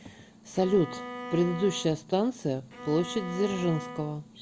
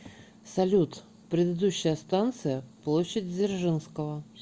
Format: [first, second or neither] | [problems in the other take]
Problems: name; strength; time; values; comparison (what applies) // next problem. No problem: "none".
second | background sound (Bowed string instrument); 11 dB below the speech